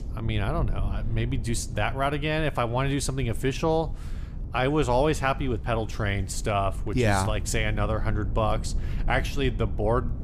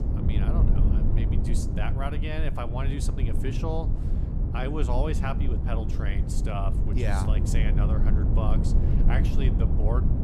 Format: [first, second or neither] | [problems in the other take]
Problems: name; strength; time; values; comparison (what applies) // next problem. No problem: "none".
first | low rumble; loud; throughout; 3 dB below the speech; faint in the first